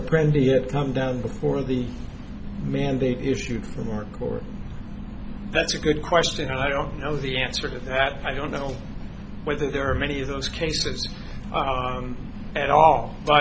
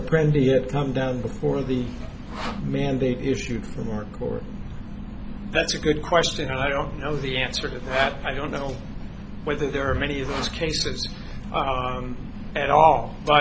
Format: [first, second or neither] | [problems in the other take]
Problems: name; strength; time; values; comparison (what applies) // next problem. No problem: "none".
first | background sound (Sawing); 16 dB below the speech